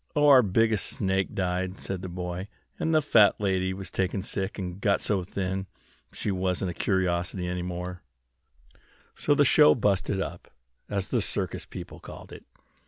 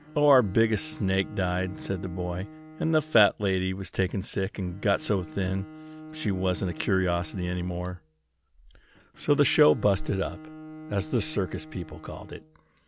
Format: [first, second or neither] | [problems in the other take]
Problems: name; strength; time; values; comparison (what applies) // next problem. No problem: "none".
first | background sound (Bowed string instrument); 17 dB below the speech